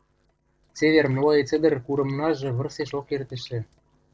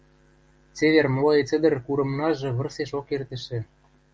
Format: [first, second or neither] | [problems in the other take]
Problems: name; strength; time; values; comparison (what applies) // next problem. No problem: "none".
second | noise reduction (neural separator model SepFormer DNS4)